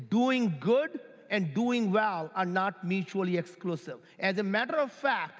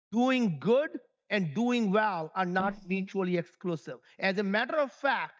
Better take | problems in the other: first | noise reduction (neural mask model DeepFilterNet 3)

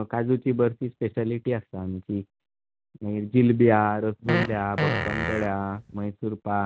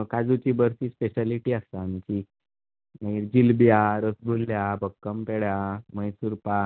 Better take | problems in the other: second | background sound (Fart); 3 dB below the speech

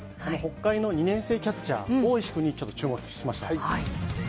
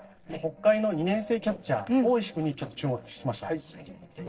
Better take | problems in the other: first | noise reduction (neural separator model SepFormer DNS4)

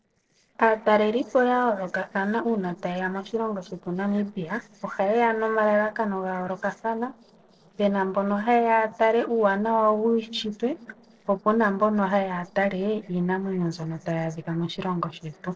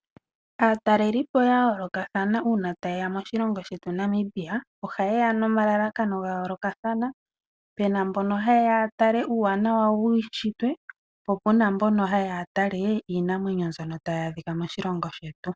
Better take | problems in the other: second | noise reduction (neural separator model SepFormer DNS4)

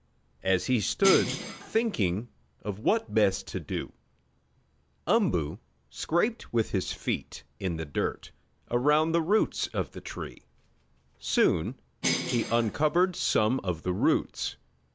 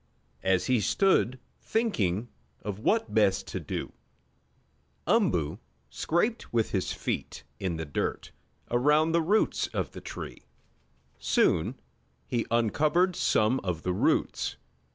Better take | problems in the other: second | background sound (Bell); 4 dB below the speech

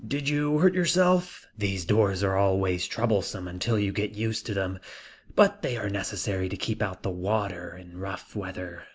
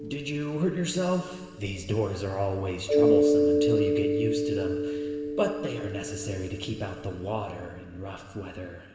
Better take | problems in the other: first | background sound (Mallet percussion); 3 dB above the speech // room echo; dies away in 2.9 s

